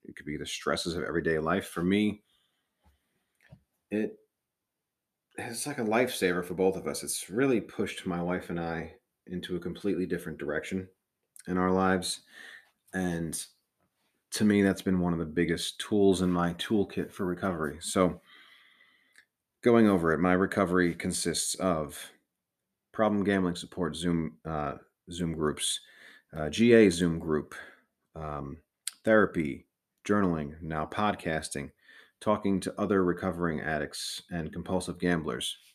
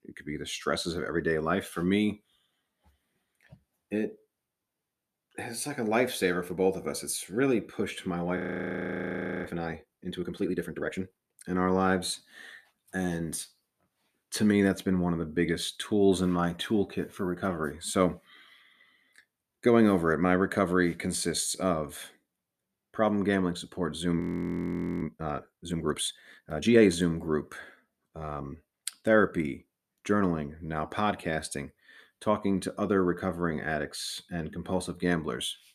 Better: first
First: none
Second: audio freezing; at 8.5 s for 1 s and at 24 s for 1 s

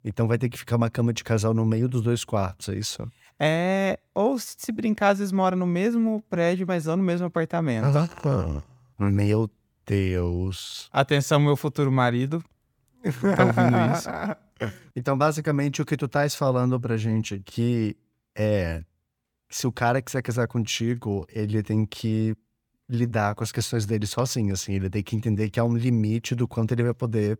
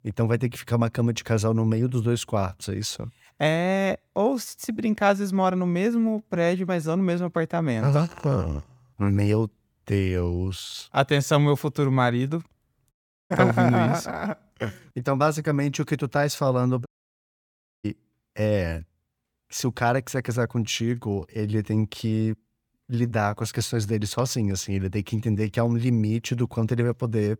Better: first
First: none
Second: audio cutting out; at 13 s and at 17 s for 1 s

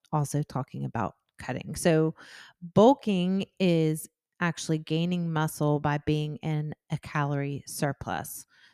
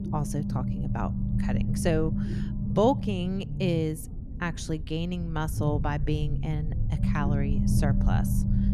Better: first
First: none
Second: low rumble; loud; throughout; 7 dB below the speech

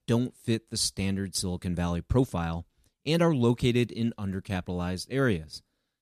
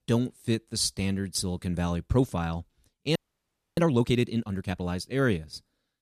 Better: first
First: none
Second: audio freezing; at 3 s for 0.5 s

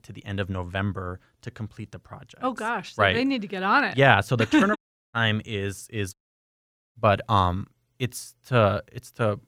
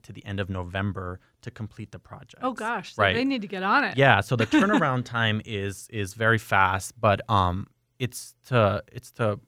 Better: second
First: audio cutting out; at 5 s and at 6 s for 1 s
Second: none

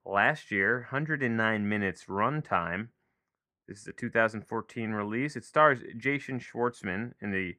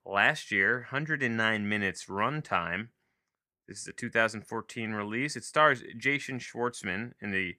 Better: second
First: muffled; slightly; fading above 2.5 kHz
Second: none

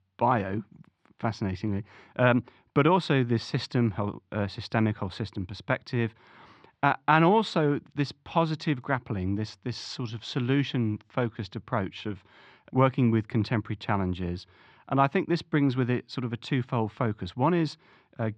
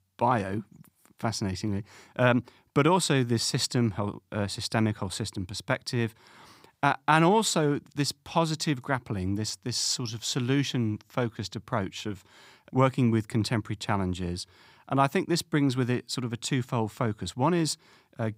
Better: second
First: muffled; slightly; fading above 3.5 kHz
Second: none

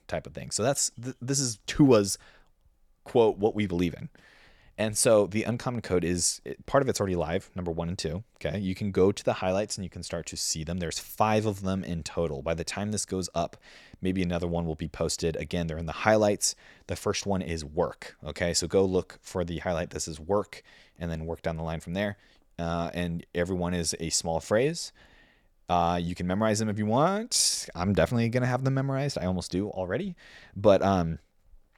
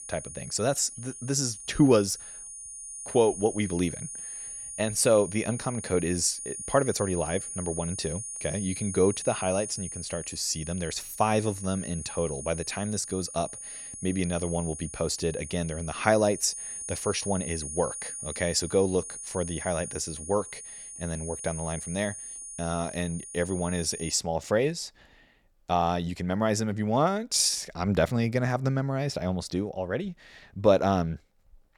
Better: first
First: none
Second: high-pitched whine; loud; until 24 s; 9.5 kHz, 8 dB below the speech

